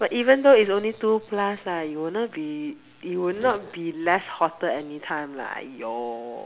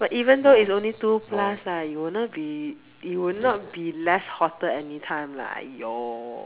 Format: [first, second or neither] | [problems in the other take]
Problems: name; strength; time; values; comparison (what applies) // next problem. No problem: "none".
first | background sound (Brass instrument); 13 dB below the speech